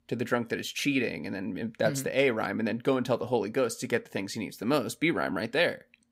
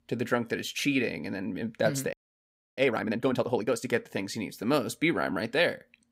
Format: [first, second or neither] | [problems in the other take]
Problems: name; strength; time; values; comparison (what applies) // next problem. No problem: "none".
first | audio freezing; at 2 s for 0.5 s